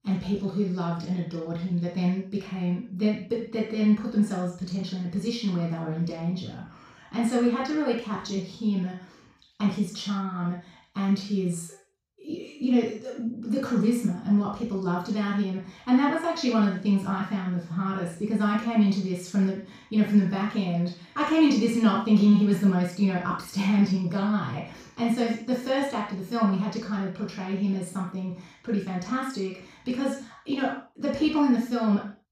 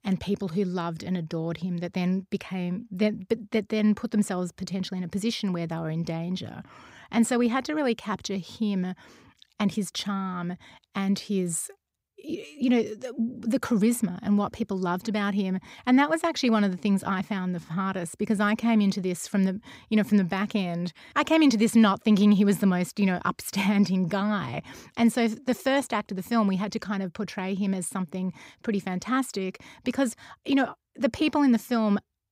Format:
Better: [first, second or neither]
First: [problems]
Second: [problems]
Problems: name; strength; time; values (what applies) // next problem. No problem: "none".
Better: second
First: room echo; noticeable; dies away in 0.4 s // off-mic speech; far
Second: none